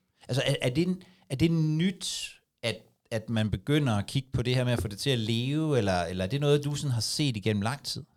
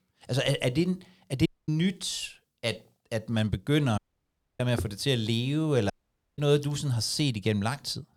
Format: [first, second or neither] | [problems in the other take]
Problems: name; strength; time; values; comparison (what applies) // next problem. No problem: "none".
first | audio cutting out; at 1.5 s, at 4 s for 0.5 s and at 6 s